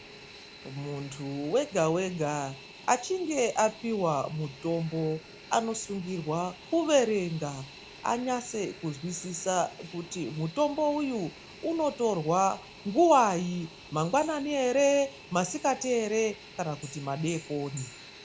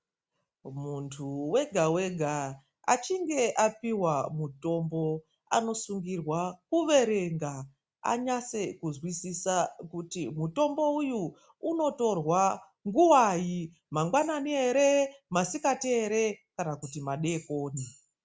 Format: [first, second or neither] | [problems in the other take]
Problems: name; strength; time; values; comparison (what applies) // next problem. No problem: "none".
second | background sound (Fixed-wing aircraft, airplane); 19 dB below the speech